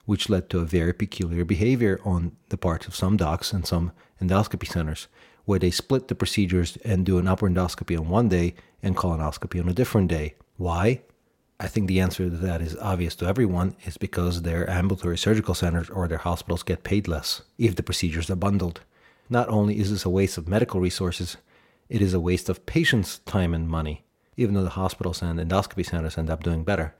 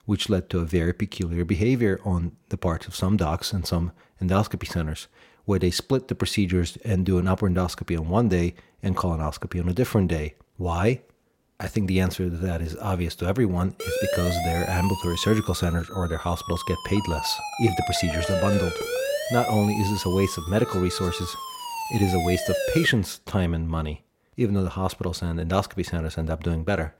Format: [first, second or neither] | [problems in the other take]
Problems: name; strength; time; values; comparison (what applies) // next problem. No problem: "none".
first | siren; noticeable; from 14 to 23 s; peak level with the speech